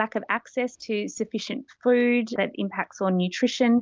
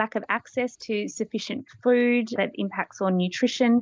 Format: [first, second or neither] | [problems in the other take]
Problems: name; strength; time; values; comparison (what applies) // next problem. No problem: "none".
first | noise reduction (neural mask model Resemble Enhance denoiser)